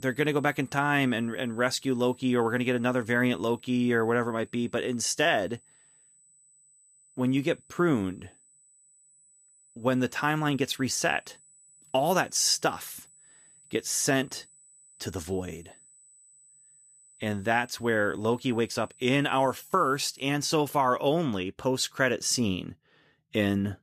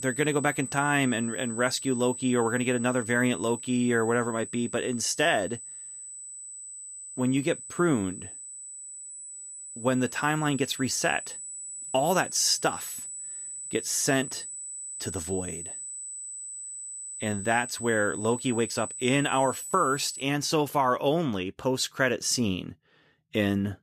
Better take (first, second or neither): first